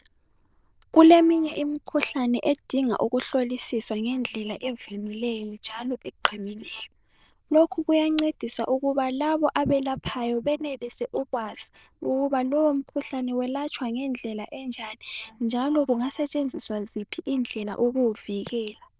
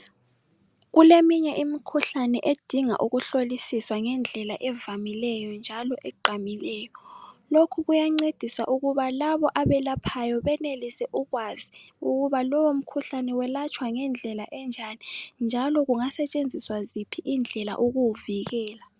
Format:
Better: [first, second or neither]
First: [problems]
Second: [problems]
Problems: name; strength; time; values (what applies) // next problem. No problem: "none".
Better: second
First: noise reduction (neural diffusion model UNIVERSE++)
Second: none